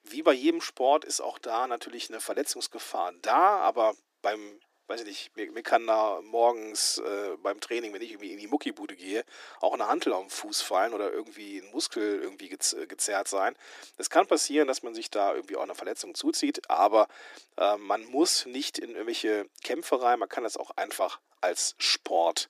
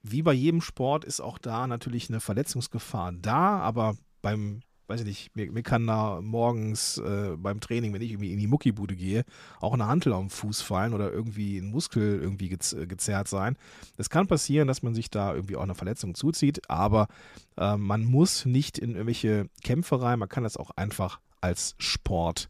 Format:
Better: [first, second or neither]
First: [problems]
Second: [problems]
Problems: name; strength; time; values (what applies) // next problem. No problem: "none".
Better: second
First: thin; very; fading below 300 Hz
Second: none